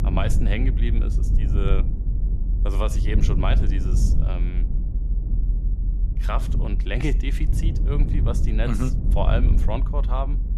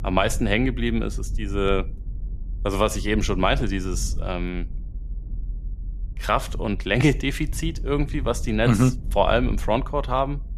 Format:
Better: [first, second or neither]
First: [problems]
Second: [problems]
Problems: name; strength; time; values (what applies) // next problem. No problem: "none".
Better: second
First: low rumble; loud; throughout; 8 dB below the speech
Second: low rumble; faint; throughout; 25 dB below the speech